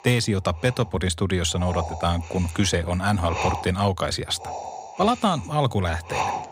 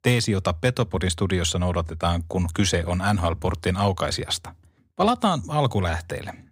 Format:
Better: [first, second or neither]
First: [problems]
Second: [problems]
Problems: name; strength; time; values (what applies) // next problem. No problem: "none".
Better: second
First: wind noise on the microphone; heavy; 6 dB below the speech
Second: none